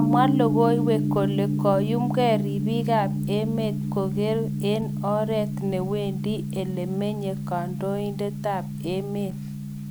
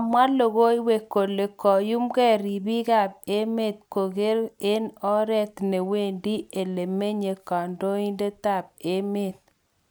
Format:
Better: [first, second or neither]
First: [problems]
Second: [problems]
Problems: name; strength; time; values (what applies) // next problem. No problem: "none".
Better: second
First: background sound (Gong); as loud as the speech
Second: none